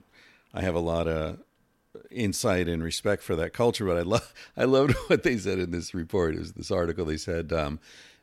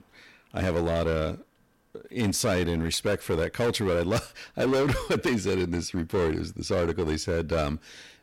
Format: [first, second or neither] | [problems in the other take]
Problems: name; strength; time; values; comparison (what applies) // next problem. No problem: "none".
first | distortion; heavy; 12% of the sound clipped